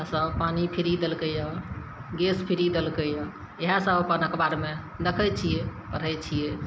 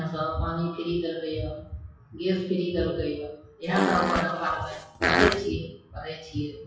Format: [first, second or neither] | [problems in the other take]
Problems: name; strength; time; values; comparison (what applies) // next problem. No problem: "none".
first | noise reduction (classical method WPE with log-MMSE)